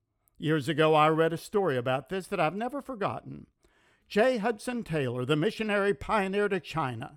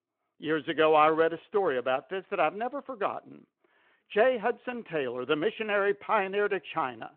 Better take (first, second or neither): first